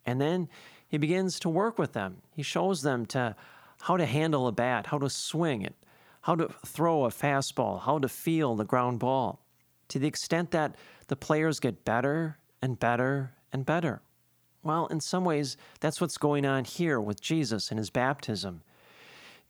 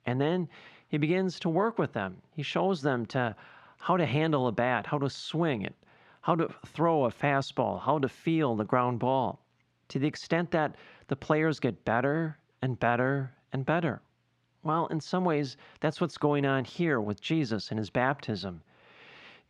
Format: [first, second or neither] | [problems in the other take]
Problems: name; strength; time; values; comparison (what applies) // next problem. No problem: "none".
first | muffled; very slightly; fading above 3 kHz